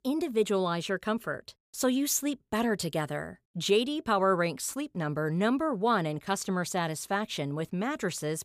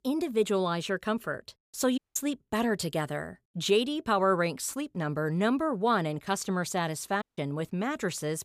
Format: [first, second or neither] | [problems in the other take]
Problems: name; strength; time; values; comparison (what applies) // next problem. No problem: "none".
first | audio cutting out; at 2 s and at 7 s